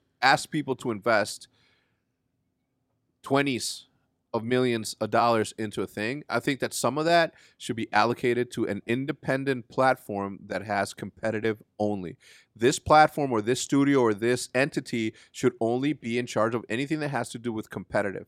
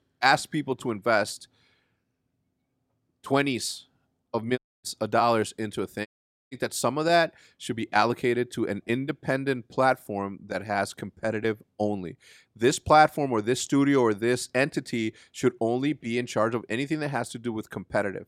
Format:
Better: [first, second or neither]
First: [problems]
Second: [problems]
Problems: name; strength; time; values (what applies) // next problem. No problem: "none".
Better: first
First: none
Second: audio cutting out; at 4.5 s and at 6 s